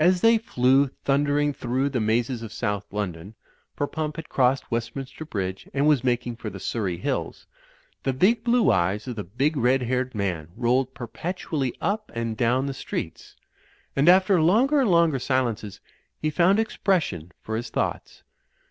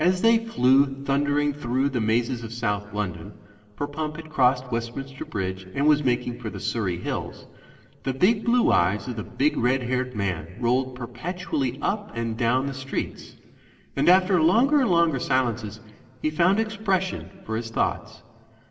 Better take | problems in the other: first | room echo; dies away in 2 s

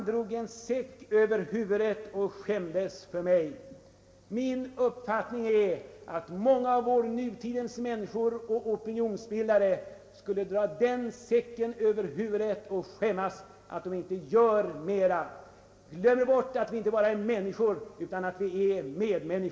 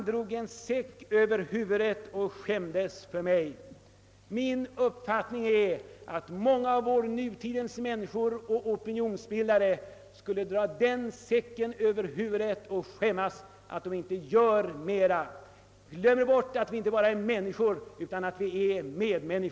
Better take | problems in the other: second | room echo; dies away in 2.3 s

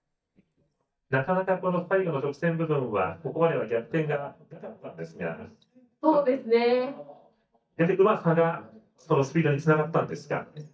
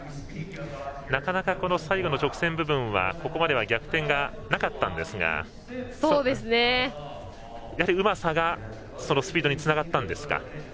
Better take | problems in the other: second | noise reduction (neural mask model DeepFilterNet 3)

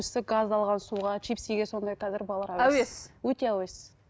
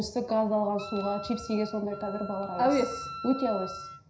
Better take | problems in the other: first | background sound (Wind instrument, woodwind instrument); 12 dB below the speech // room echo; dies away in 0.5 s

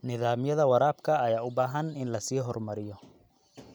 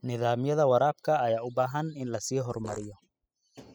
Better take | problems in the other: first | noise reduction (classical method spectral subtraction)

